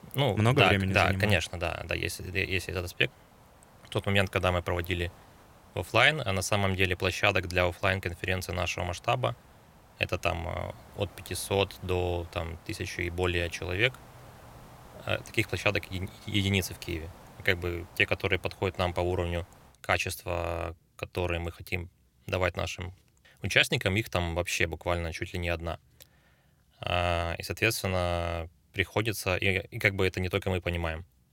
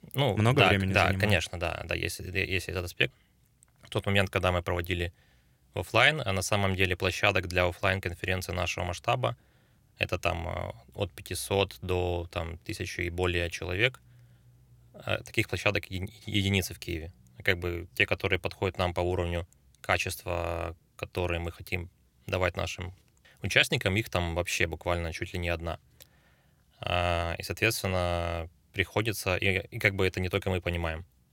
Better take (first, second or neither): second